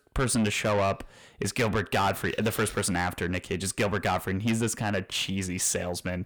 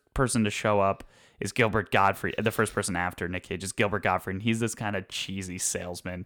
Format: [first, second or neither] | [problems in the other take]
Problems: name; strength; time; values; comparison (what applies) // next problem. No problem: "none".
second | distortion; heavy; 7 dB below the speech